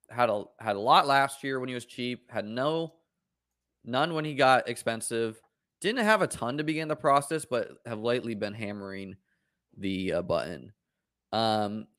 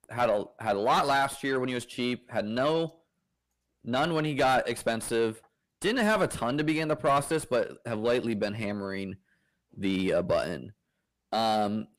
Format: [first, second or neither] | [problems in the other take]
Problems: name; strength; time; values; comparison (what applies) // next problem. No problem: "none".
first | distortion; heavy; 6 dB below the speech